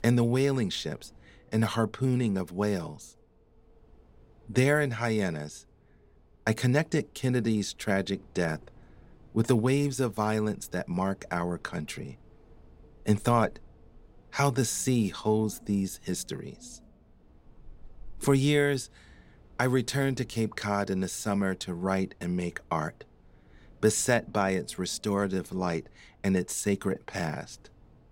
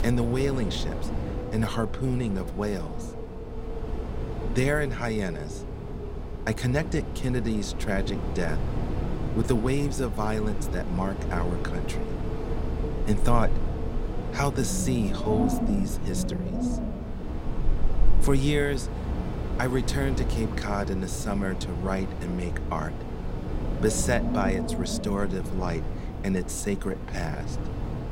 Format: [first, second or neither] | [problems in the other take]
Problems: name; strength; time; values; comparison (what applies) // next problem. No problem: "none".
first | wind in the background; loud; throughout; 3 dB below the speech; faint in the first